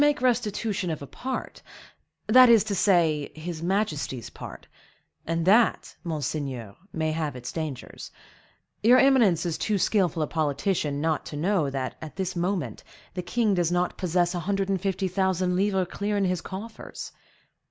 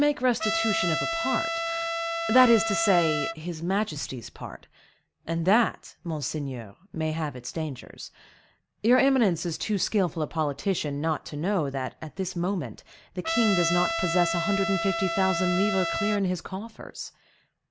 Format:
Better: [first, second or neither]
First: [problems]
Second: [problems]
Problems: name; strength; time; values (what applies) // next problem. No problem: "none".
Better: first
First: none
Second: background sound (Trumpet); 2 dB below the speech